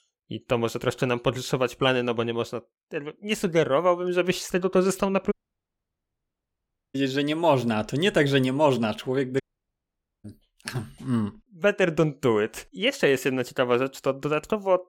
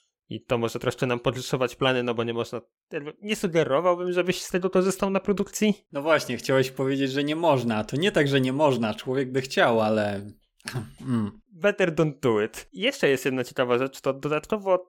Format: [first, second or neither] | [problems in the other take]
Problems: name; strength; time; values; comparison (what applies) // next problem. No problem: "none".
second | audio cutting out; at 5.5 s for 1.5 s and at 9.5 s for 1 s